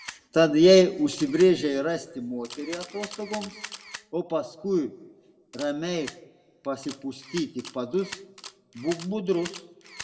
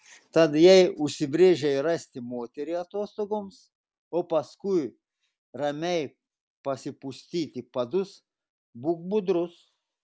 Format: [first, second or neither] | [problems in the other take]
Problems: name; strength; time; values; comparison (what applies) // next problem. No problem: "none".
second | background sound (Camera); 18 dB below the speech // room echo; dies away in 1 s